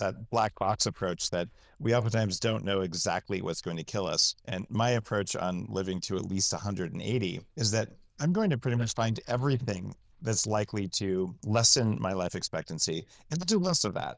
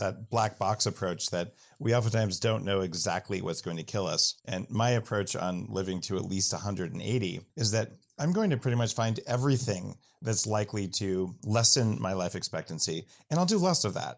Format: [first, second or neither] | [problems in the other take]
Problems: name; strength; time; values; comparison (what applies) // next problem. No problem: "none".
second | noise reduction (neural diffusion model UNIVERSE++)